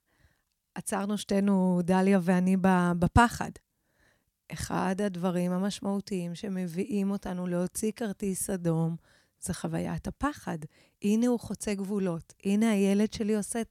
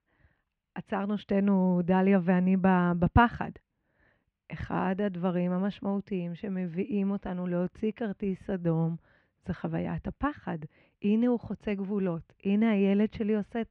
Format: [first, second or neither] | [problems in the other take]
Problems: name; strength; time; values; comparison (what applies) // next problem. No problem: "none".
first | muffled; very; fading above 2.5 kHz